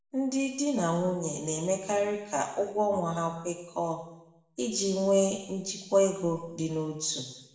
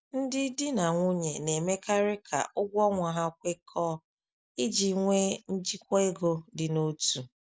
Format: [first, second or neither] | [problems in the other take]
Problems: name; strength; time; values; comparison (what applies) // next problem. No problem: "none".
second | room echo; dies away in 0.9 s